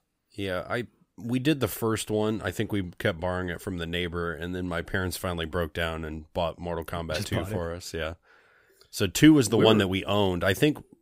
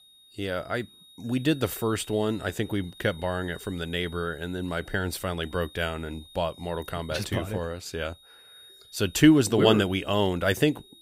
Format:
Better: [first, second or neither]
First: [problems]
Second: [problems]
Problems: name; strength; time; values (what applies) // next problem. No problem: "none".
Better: first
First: none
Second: high-pitched whine; faint; throughout; 3.5 kHz, 20 dB below the speech